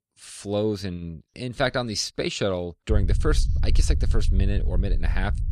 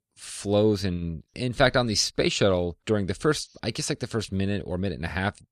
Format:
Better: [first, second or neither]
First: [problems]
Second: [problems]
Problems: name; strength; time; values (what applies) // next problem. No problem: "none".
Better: second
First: low rumble; noticeable; from 3 s on; 15 dB below the speech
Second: none